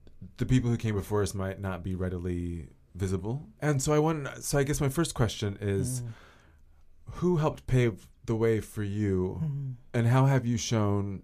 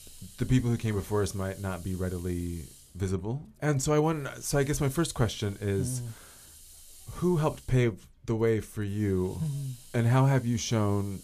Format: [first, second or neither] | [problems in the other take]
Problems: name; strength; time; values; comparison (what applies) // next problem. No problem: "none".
first | hiss; faint; throughout; 20 dB below the speech